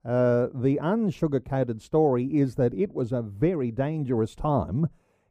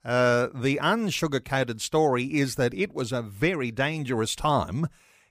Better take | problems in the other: second | muffled; very; fading above 1 kHz

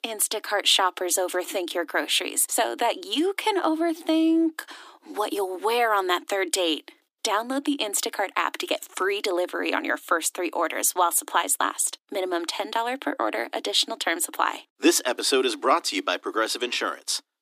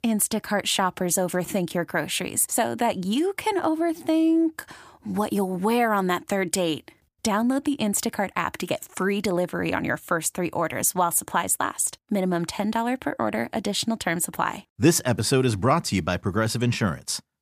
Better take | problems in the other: second | thin; somewhat; fading below 300 Hz

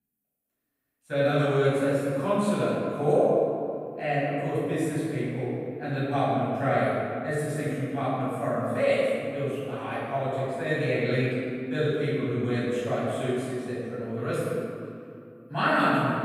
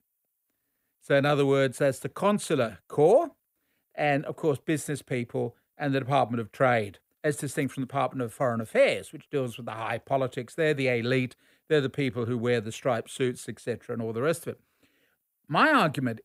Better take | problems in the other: second | off-mic speech; far // room echo; strong; dies away in 2.3 s

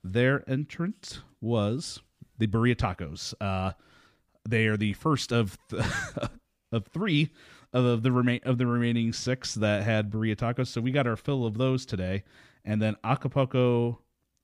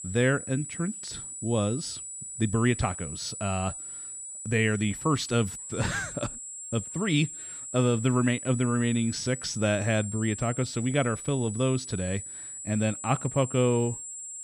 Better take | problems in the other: first | high-pitched whine; loud; throughout; 8 kHz, 9 dB below the speech

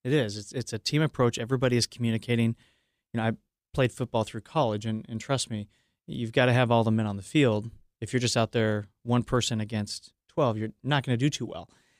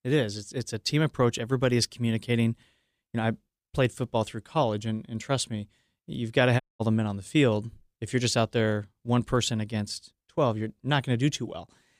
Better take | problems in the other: first | audio cutting out; at 6.5 s

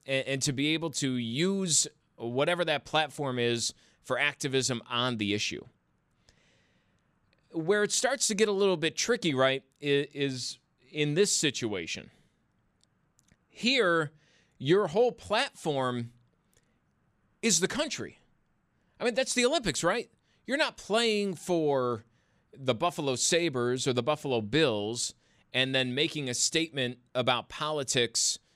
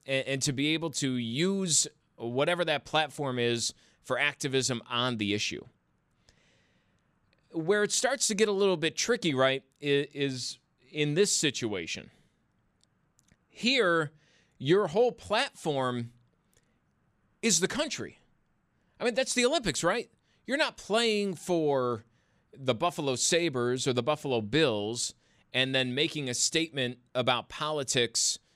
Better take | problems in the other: neither | none

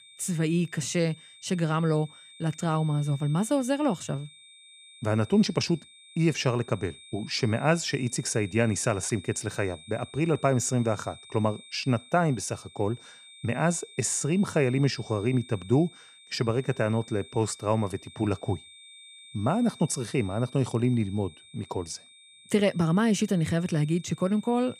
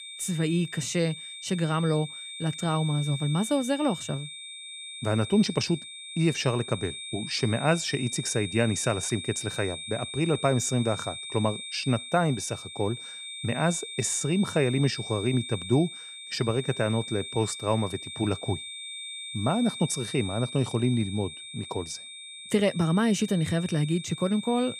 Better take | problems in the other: first | high-pitched whine; loud; throughout; 3.5 kHz, 9 dB below the speech; faint in the first

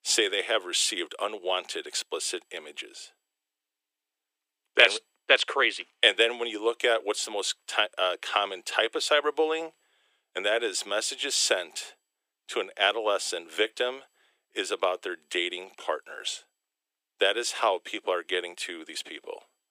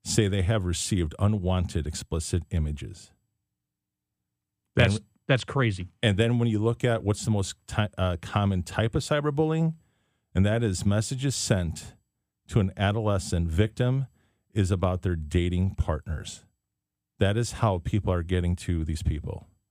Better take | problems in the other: second | thin; very; fading below 400 Hz

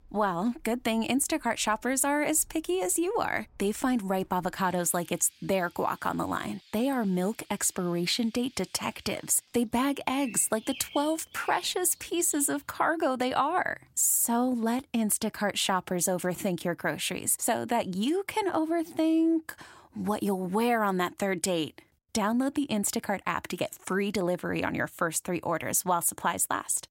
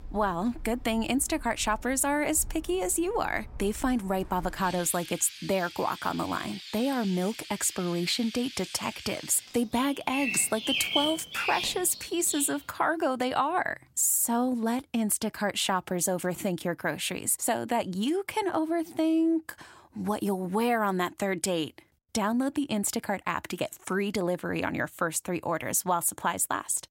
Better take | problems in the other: first | animal sounds; loud; until 13 s; 8 dB below the speech; faint in the first

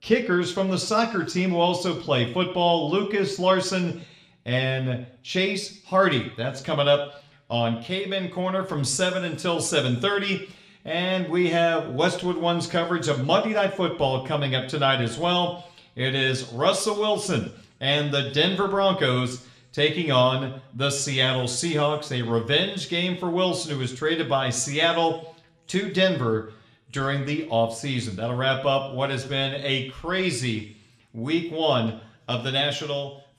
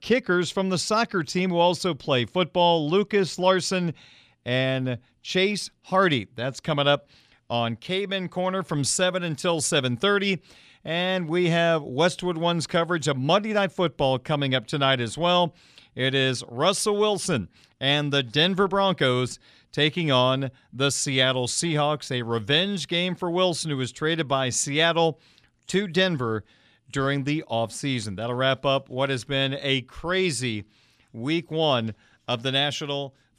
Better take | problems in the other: second | room echo; very slight; dies away in 0.5 s

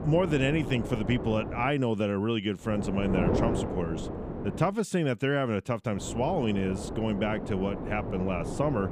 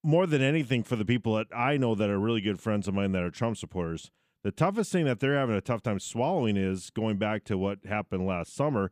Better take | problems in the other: second | wind noise on the microphone; heavy; until 1.5 s, from 2.5 to 4.5 s and from 6 s on; 7 dB below the speech

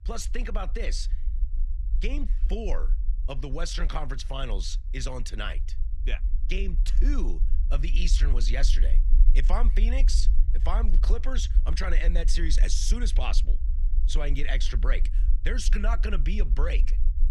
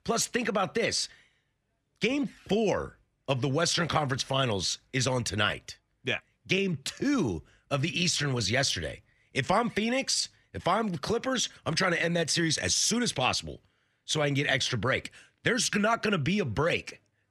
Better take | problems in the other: second | low rumble; noticeable; throughout; 15 dB below the speech

